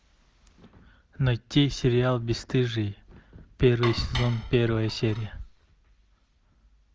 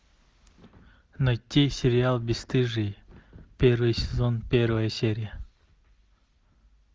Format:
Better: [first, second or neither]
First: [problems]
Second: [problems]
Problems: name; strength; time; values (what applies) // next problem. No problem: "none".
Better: second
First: background sound (Dishes, pots, and pans); 11 dB below the speech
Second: none